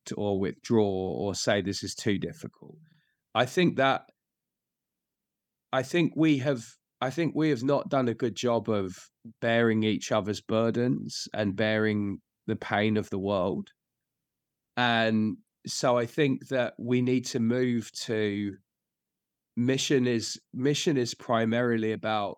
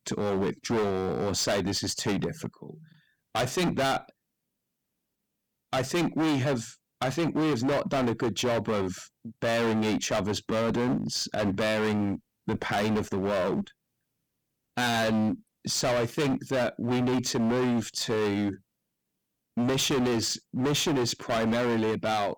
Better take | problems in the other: first | distortion; heavy; 22% of the sound clipped

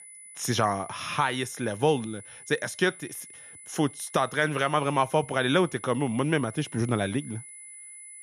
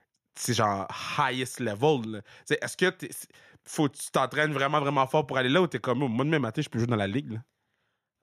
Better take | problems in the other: second | high-pitched whine; noticeable; throughout; 10 kHz, 15 dB below the speech

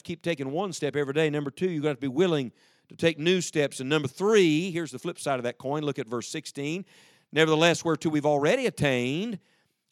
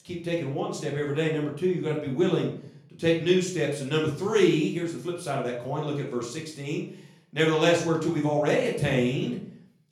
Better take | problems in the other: first | room echo; slight; dies away in 0.5 s // off-mic speech; far

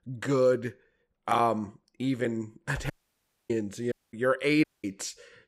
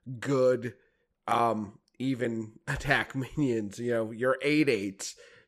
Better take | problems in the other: second | audio cutting out; at 3 s for 0.5 s, at 4 s and at 4.5 s

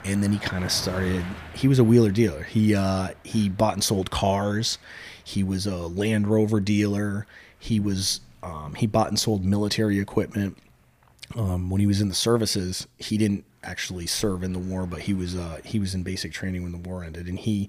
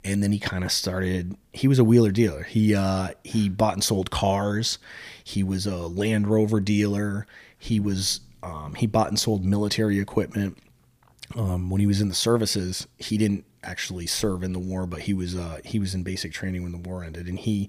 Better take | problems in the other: second | traffic noise; noticeable; throughout; 20 dB below the speech

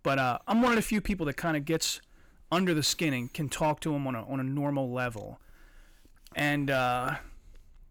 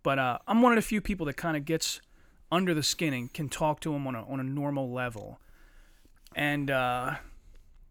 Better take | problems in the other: second | distortion; slight; 4% of the sound clipped

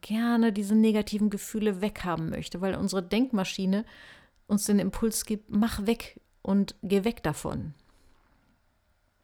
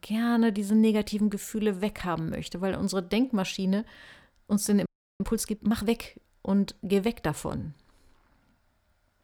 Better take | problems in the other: first | audio freezing; at 5 s

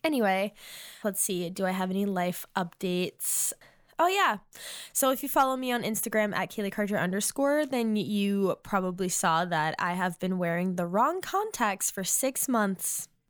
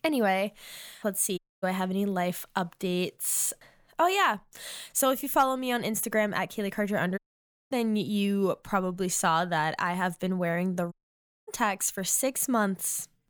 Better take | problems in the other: first | audio cutting out; at 1.5 s, at 7 s for 0.5 s and at 11 s for 0.5 s

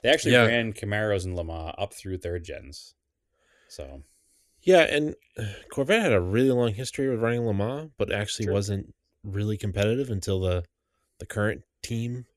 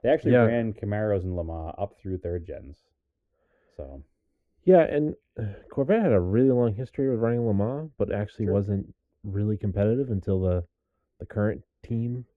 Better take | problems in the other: first | muffled; very; fading above 2.5 kHz

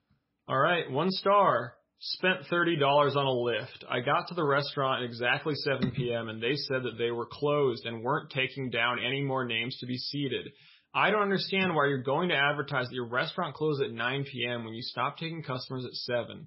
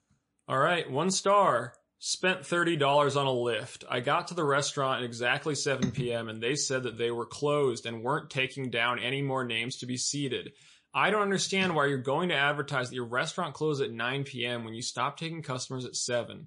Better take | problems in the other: second | garbled, watery; badly; nothing above 5.5 kHz; slightly in the second

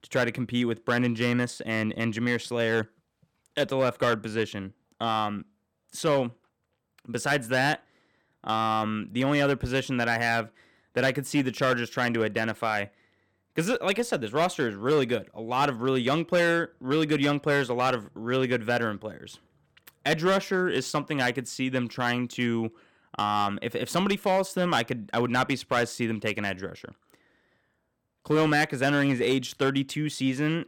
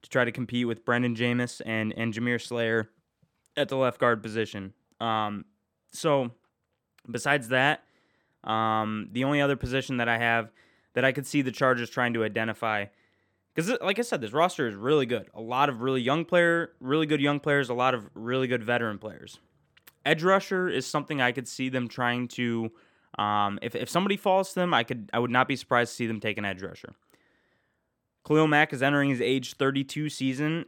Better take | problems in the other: second | distortion; slight; 4% of the sound clipped

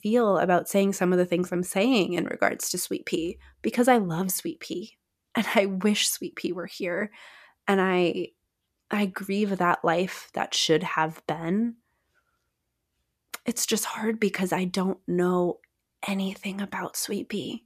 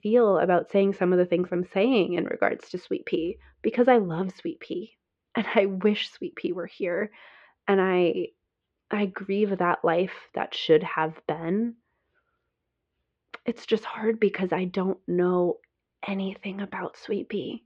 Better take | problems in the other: first | muffled; very; fading above 3.5 kHz

